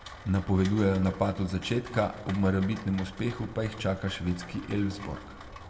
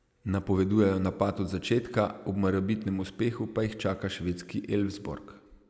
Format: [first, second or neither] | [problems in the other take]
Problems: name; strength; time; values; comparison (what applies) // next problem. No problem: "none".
second | background sound (Rain); 16 dB below the speech // room echo; dies away in 1.9 s